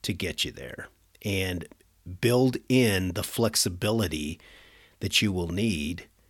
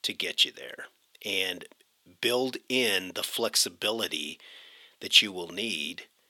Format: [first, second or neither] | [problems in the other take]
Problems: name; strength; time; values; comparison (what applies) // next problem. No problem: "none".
first | thin; somewhat; fading below 400 Hz